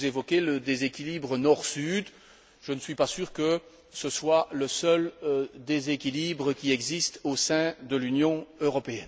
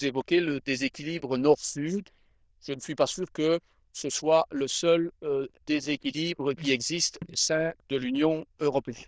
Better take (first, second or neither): first